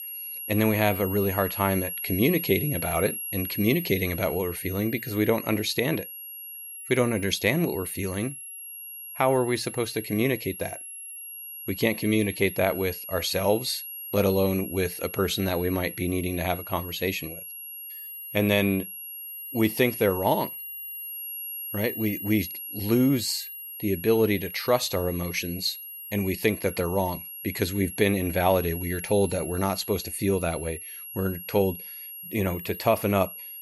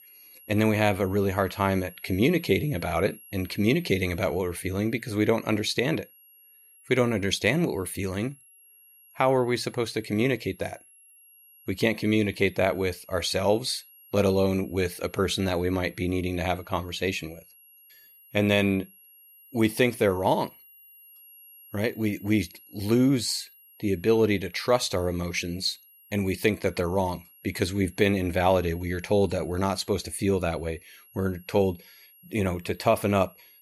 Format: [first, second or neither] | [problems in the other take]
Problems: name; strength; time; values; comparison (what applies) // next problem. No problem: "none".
second | high-pitched whine; loud; throughout; 11.5 kHz, 9 dB below the speech; faint in the second